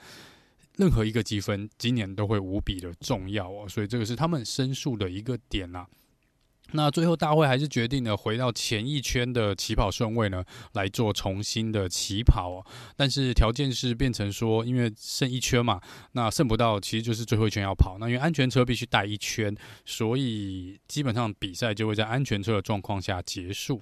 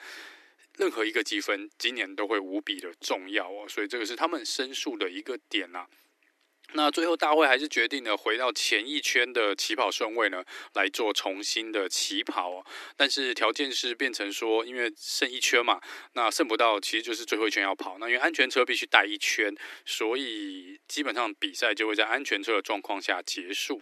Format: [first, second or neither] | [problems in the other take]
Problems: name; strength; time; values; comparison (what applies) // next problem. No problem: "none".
first | thin; very; fading below 300 Hz